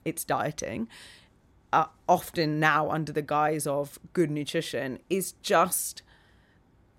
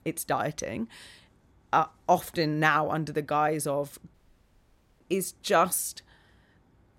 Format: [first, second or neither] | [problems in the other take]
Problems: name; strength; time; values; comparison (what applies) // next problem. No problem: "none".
first | audio cutting out; at 4 s for 1 s